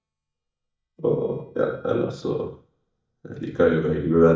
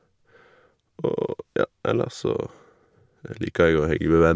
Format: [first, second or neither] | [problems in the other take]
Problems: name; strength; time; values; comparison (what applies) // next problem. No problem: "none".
second | noise reduction (neural mask model DeepFilterNet 3)